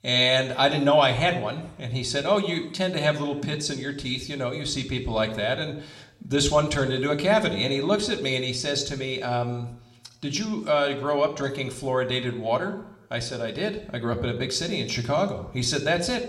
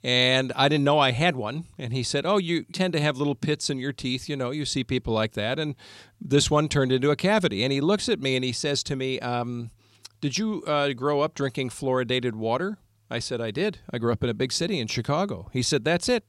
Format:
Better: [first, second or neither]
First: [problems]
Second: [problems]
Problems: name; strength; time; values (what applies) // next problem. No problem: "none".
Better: second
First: room echo; very slight; dies away in 0.6 s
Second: none